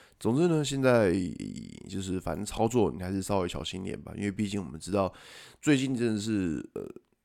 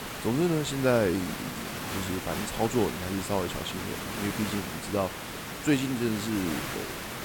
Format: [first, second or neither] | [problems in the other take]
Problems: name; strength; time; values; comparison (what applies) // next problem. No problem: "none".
first | hiss; loud; throughout; 5 dB below the speech